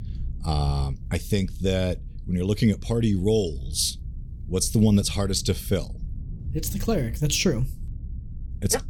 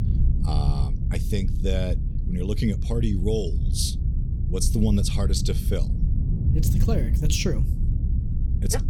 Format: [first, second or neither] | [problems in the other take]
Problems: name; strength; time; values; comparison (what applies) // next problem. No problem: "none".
first | low rumble; loud; throughout; 8 dB below the speech; faint in the first